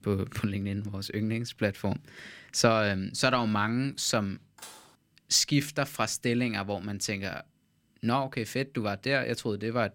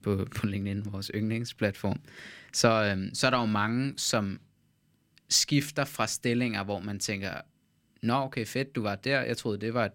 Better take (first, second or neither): second